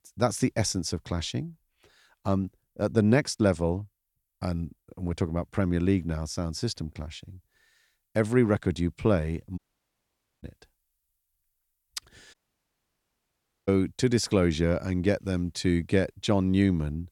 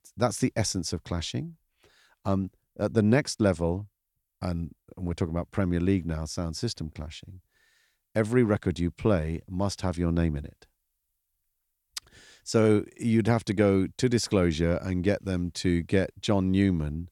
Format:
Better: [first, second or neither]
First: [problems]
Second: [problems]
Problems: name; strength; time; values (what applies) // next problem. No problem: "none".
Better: second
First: audio cutting out; at 9.5 s for 1 s and at 12 s for 1.5 s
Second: none